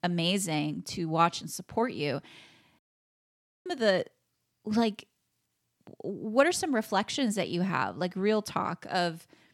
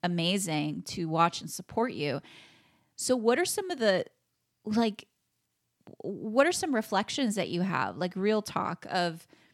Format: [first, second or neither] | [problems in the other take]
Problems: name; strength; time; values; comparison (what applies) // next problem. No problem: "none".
second | audio cutting out; at 3 s for 1 s